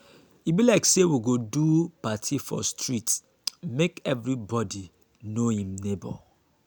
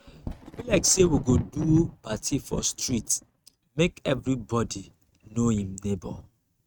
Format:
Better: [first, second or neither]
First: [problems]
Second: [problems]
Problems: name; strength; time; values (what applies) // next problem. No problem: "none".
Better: first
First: none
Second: noise reduction (neural mask model RNNoise)